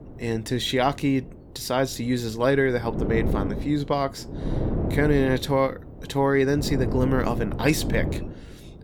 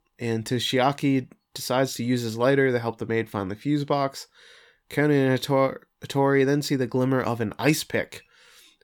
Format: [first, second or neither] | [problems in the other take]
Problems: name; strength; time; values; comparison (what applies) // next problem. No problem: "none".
second | wind noise on the microphone; heavy; 10 dB below the speech